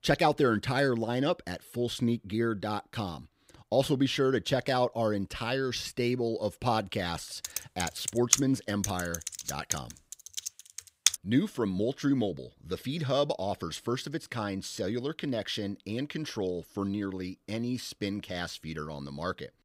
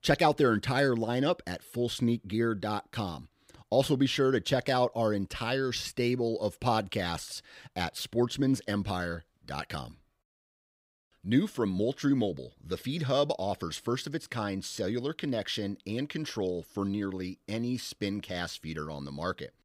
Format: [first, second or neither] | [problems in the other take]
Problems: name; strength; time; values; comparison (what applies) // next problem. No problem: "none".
second | keyboard typing; loud; from 7.5 to 11 s; peak 5 dB above the speech